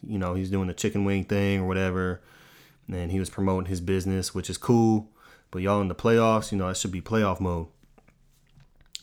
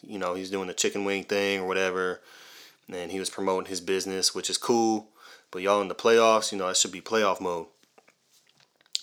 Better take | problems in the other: first | thin; somewhat; fading below 450 Hz

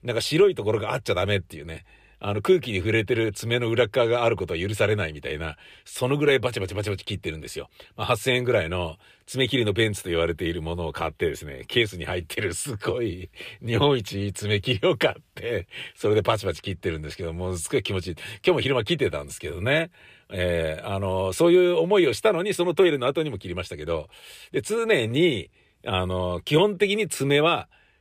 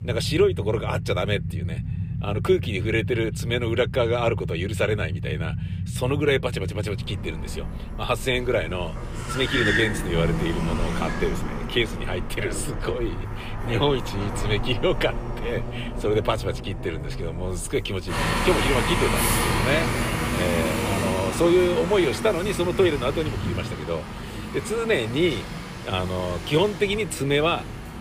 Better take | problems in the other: first | traffic noise; loud; throughout; 4 dB below the speech

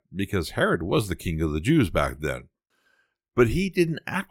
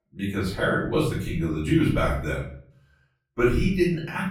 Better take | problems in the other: first | off-mic speech; far // room echo; noticeable; dies away in 0.5 s

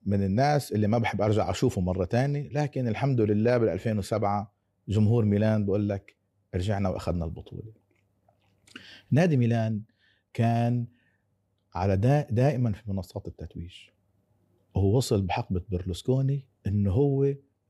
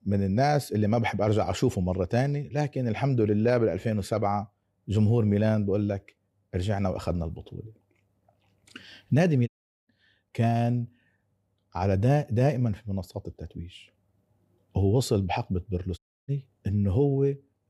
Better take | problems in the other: first | audio cutting out; at 9.5 s and at 16 s

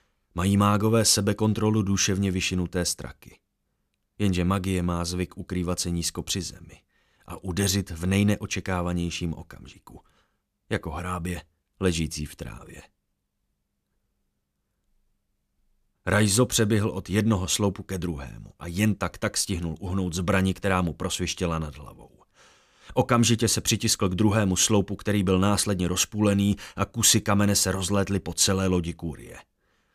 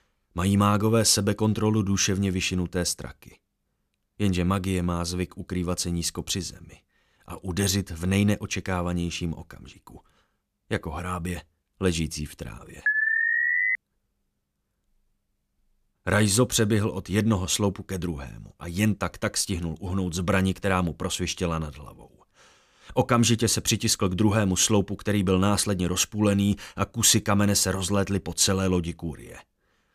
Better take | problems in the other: first | alarm; loud; at 13 s; peak 3 dB above the speech

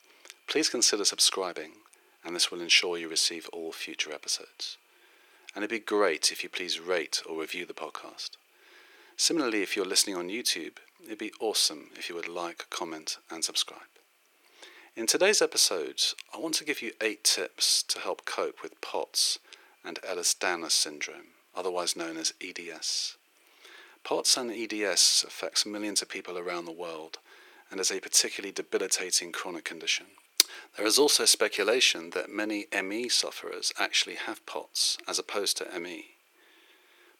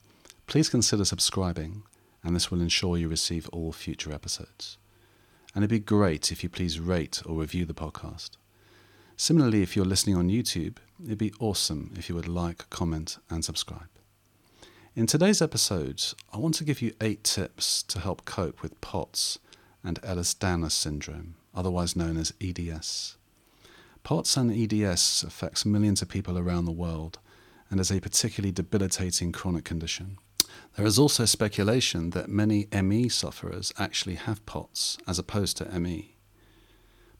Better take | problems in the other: second | thin; very; fading below 400 Hz

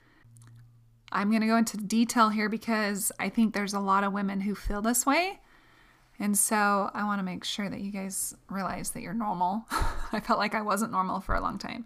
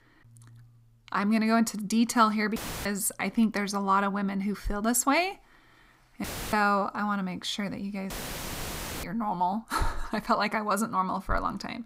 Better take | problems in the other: first | audio cutting out; filled with static; at 2.5 s, at 6 s and at 8 s for 1 s

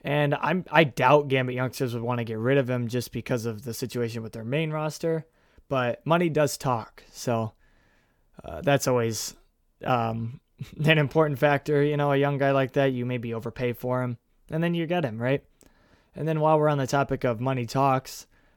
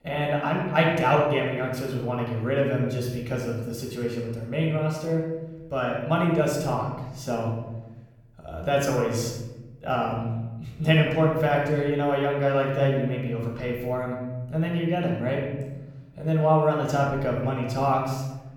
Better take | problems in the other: first | off-mic speech; somewhat distant // room echo; noticeable; dies away in 1 s

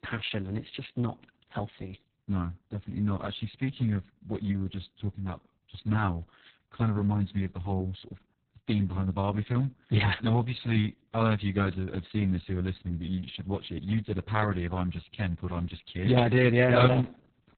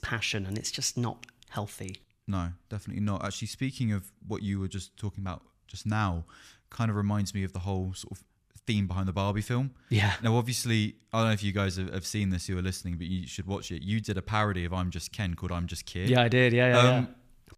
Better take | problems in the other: second | garbled, watery; badly; nothing above 4 kHz

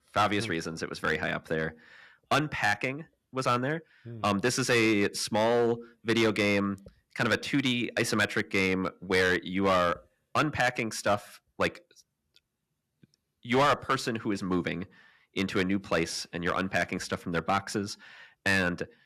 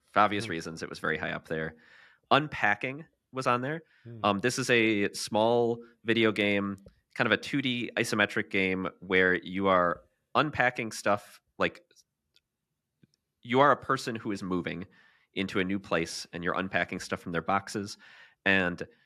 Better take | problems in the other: second | distortion; heavy; 4% of the sound clipped

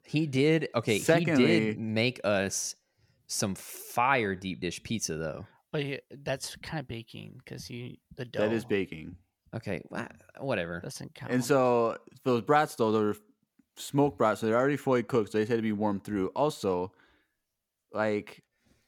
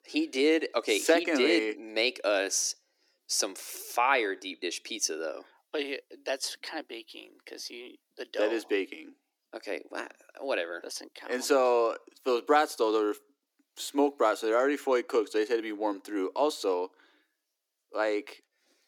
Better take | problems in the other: first | thin; somewhat; fading below 300 Hz

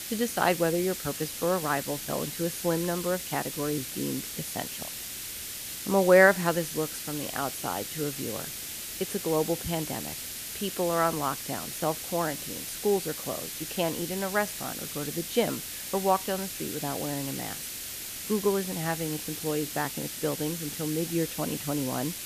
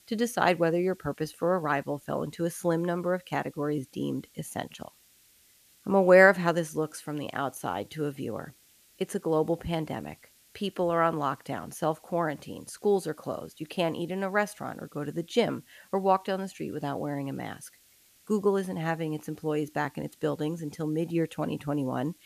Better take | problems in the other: second | hiss; loud; throughout; 5 dB below the speech; faint in the second

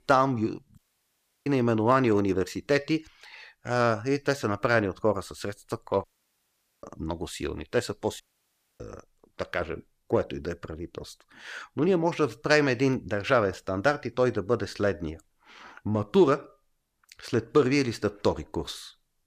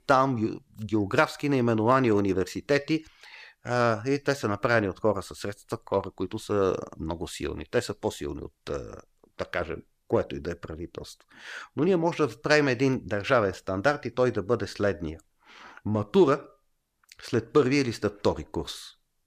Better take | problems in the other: second | audio cutting out; at 1 s for 0.5 s, at 6 s for 1 s and at 8 s for 0.5 s

